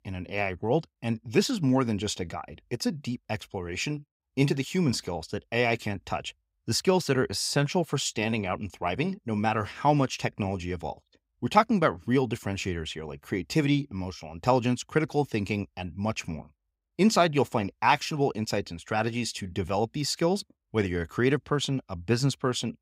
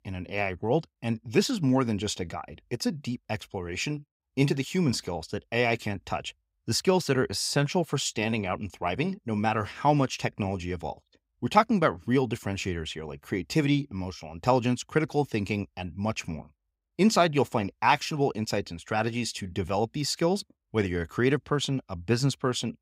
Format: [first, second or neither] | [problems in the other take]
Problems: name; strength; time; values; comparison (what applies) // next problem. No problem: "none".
neither | none